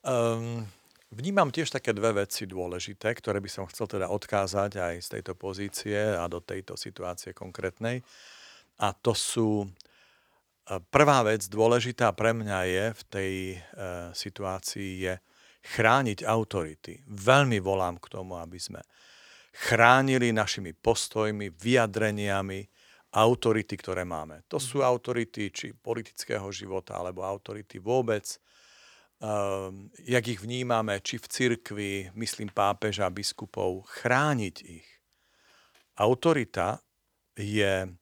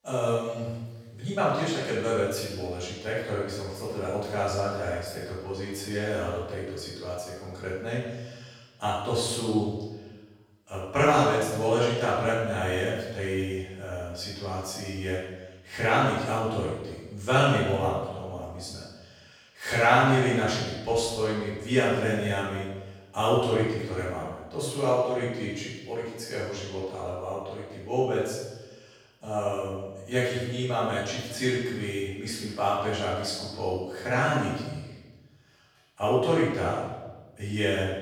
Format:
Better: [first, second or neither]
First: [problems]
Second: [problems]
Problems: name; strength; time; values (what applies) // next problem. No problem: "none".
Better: first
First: none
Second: off-mic speech; far // room echo; strong; dies away in 1.1 s